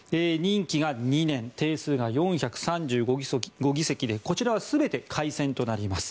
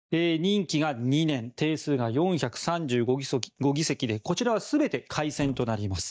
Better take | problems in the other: first | noise reduction (neural mask model DeepFilterNet 3)

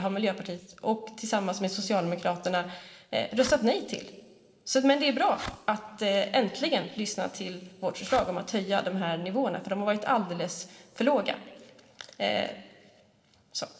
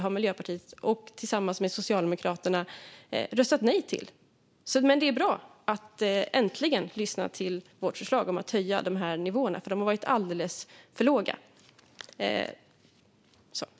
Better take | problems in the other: second | noise reduction (neural separator model SepFormer DNS4)

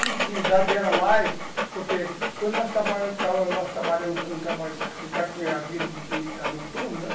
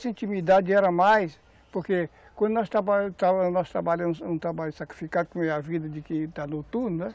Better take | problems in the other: second | background sound (Dog); 4 dB below the speech // room echo; dies away in 0.3 s

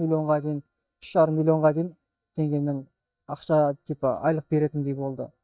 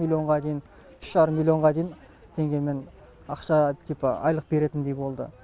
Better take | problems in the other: second | noise reduction (neural mask model DeepFilterNet 3)

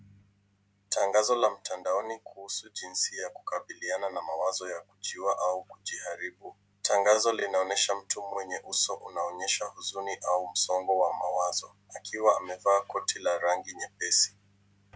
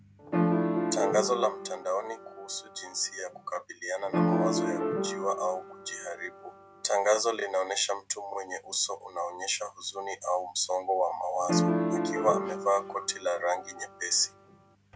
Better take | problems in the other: first | background sound (Piano); as loud as the speech

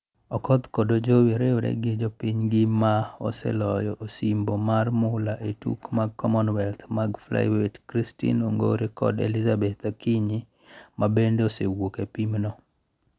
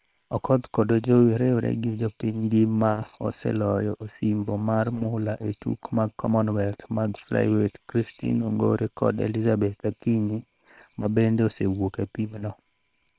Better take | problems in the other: first | noise reduction (neural separator model SepFormer WHAM!)

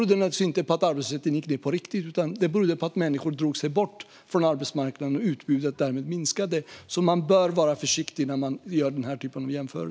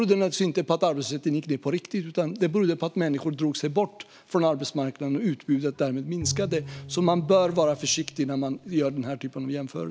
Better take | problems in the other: first | background sound (Bowed string instrument); 14 dB below the speech

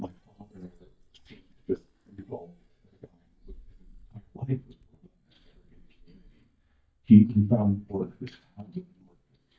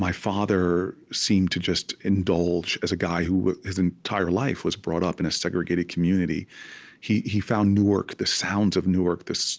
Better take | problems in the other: second | noise reduction (neural mask model DeepFilterNet 3)

